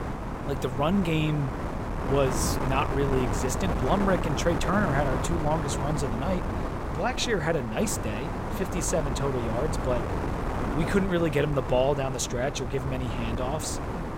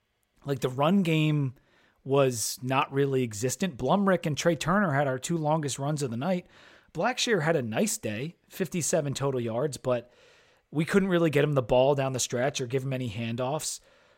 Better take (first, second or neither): second